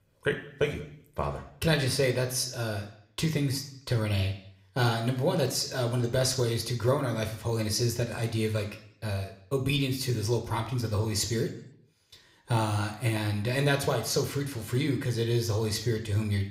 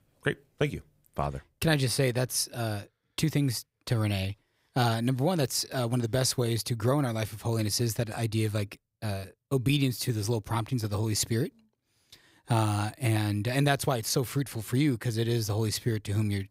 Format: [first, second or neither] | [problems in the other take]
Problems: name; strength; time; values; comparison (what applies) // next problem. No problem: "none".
second | room echo; slight; dies away in 0.6 s